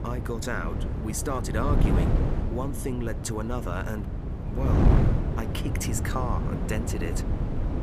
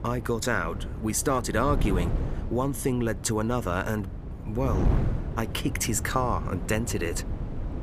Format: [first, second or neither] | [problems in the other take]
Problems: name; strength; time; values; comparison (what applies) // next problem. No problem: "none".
second | wind noise on the microphone; heavy; 2 dB below the speech; occasional gusts in the second